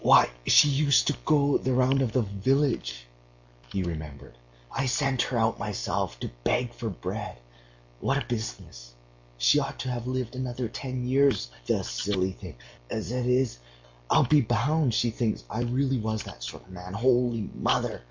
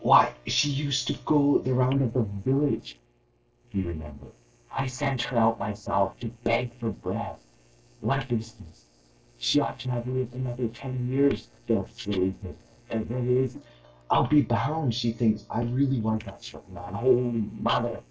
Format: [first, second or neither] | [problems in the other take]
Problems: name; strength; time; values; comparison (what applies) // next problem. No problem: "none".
first | noise reduction (neural separator model SepFormer DNS4)